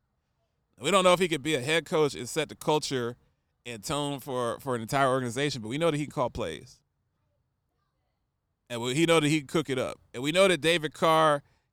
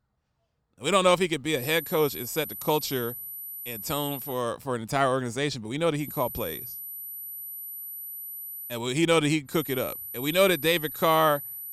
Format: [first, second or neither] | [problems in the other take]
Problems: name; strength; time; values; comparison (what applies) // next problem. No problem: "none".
first | high-pitched whine; loud; from 1.5 to 4.5 s, from 6 to 8.5 s and from 9.5 s on; 12 kHz, 9 dB below the speech